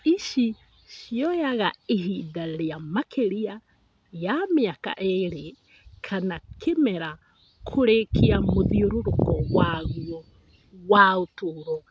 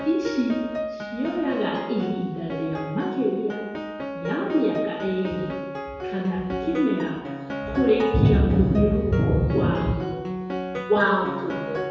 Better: first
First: none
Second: background sound (Piano); 8 dB below the speech // room echo; dies away in 1.2 s

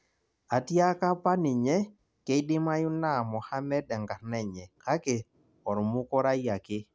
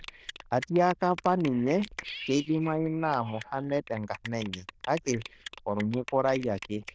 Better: first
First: none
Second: noise reduction (neural diffusion model UNIVERSE++)

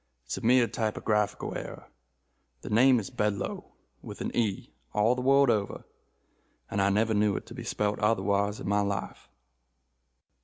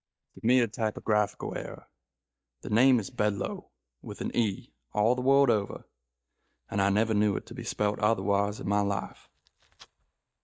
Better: first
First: none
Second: noise reduction (neural mask model DeepFilterNet 3)

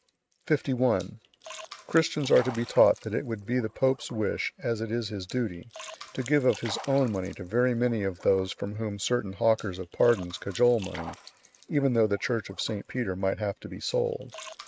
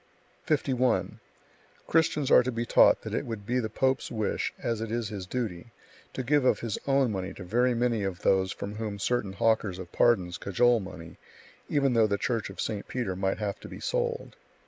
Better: second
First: noise reduction (neural mask model RNNoise)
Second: none

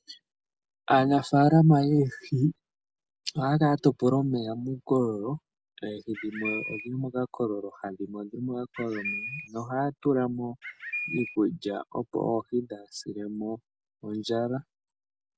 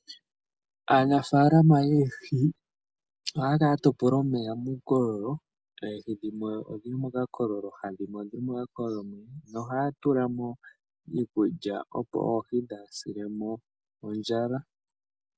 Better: second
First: background sound (Bird); 8 dB below the speech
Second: none

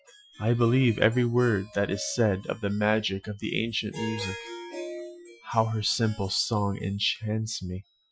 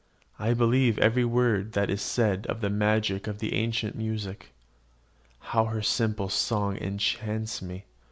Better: second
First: noise reduction (classical method Wiener filter)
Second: none

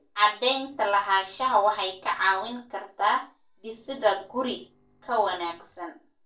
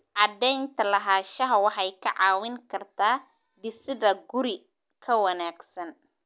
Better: second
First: noise reduction (neural separator model SepFormer DNS4)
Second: none

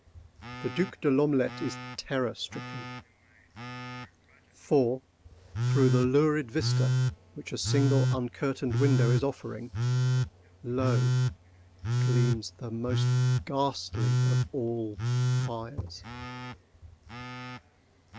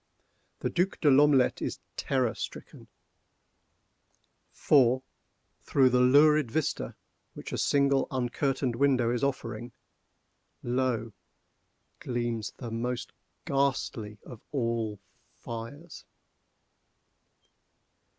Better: second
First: background sound (Telephone); 2 dB above the speech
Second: none

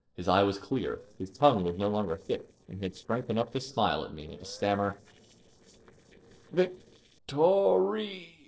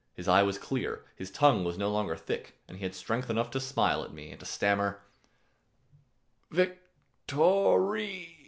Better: second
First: noise reduction (neural separator model SepFormer DNS4)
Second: none

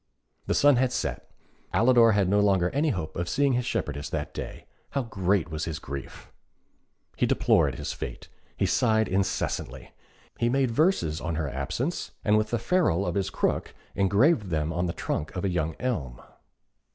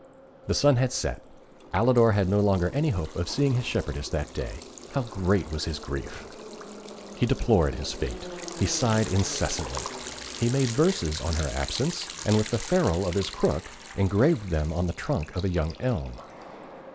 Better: first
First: none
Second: background sound (Liquid + Subway, metro, underground); 14 dB below the speech

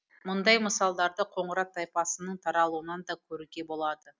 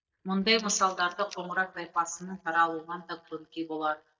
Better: first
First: none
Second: noise reduction (neural mask model DeepFilterNet 3)

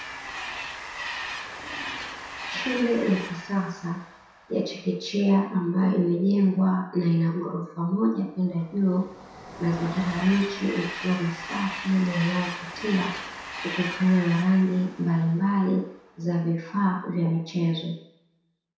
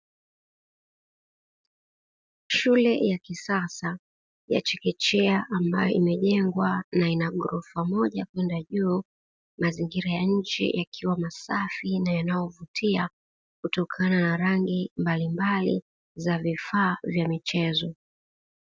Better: second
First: background sound (Train); 12 dB below the speech // room echo; dies away in 0.7 s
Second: none

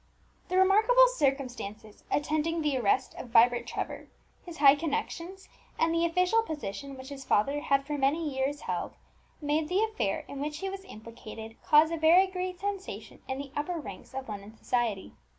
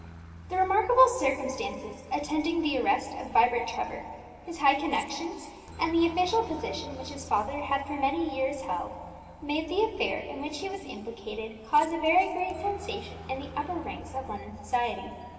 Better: first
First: none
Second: background sound (Aircraft); 19 dB below the speech // room echo; dies away in 2.5 s

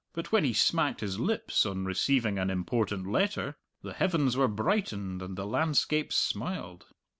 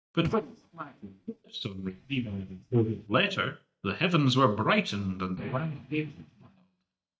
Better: first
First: none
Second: noise reduction (neural mask model DeepFilterNet 3)

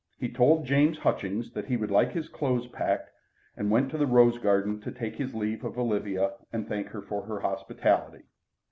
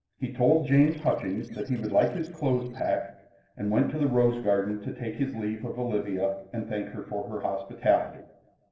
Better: first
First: none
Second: noise reduction (neural separator model SepFormer DNS4)

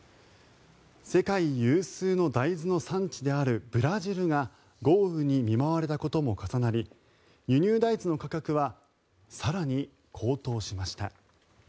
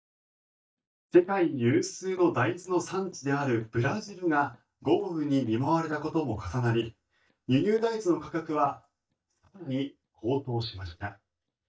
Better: first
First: none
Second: noise reduction (neural mask model DeepFilterNet 3)

